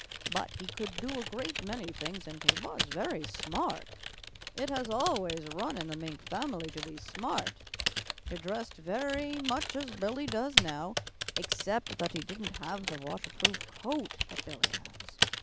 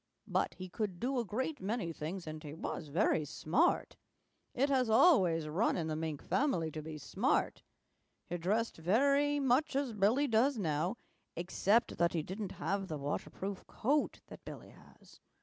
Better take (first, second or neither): second